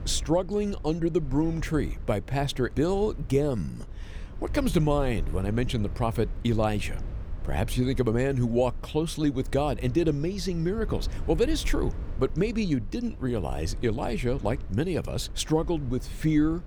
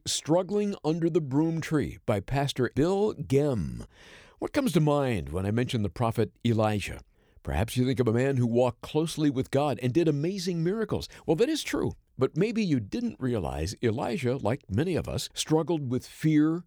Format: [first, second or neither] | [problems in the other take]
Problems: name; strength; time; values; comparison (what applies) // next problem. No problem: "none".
second | low rumble; faint; throughout; 20 dB below the speech